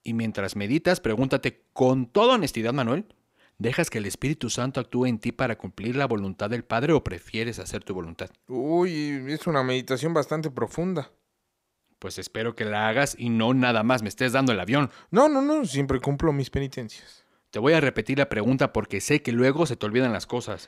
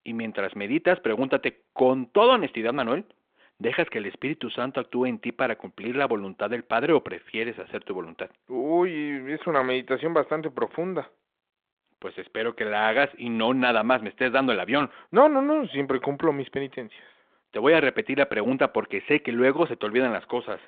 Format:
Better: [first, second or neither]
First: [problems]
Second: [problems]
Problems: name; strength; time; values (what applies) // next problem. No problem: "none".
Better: first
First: none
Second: phone-call audio